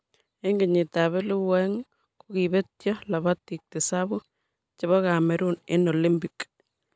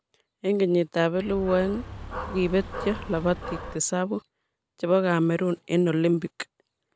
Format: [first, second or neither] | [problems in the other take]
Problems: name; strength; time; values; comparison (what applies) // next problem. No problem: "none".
first | background sound (Dog); 10 dB below the speech